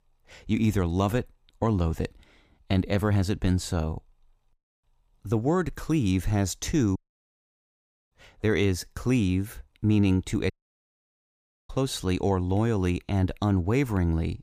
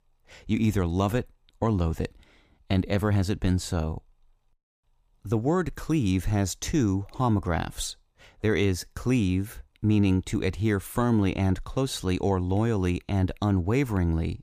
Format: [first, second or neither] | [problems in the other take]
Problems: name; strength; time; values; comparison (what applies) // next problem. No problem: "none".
second | audio cutting out; at 7 s for 1 s and at 11 s for 1 s